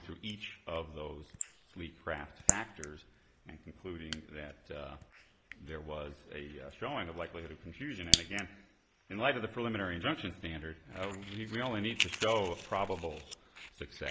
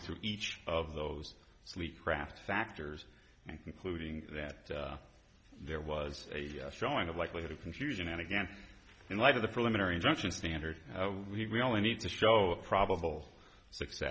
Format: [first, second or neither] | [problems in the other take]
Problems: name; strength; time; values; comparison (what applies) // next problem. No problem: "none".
second | noise reduction (neural mask model Resemble Enhance denoiser)